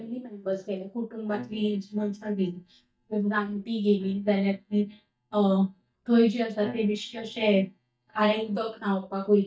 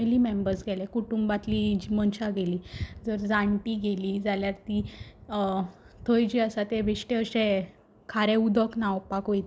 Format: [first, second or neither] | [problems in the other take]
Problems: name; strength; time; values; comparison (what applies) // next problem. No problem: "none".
second | noise reduction (neural mask model DeepFilterNet 3)